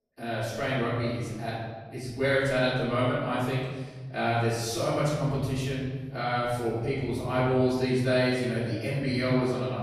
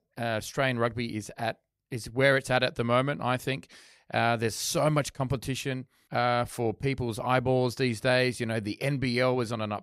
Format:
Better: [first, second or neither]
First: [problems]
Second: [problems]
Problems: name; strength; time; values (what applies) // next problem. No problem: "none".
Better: second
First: off-mic speech; far // room echo; strong; dies away in 1.5 s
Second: none